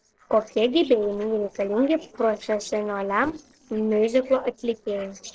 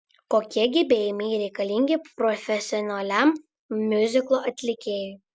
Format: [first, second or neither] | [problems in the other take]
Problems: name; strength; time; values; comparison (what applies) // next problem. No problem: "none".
second | noise reduction (neural separator model SepFormer DNS4)